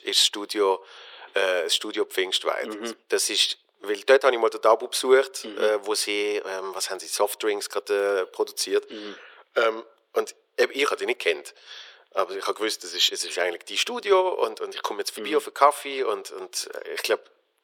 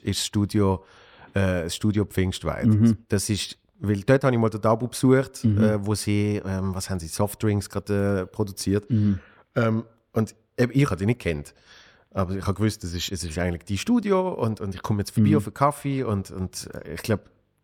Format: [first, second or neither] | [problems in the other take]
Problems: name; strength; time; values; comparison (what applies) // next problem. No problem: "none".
second | thin; very; fading below 400 Hz